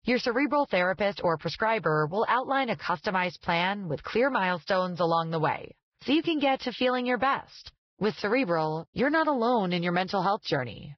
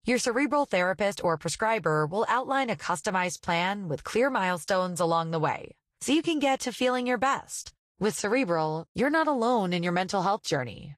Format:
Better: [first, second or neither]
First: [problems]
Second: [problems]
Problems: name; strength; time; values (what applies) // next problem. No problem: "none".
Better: second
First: garbled, watery; badly; nothing above 5.5 kHz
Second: garbled, watery; slightly; nothing above 13 kHz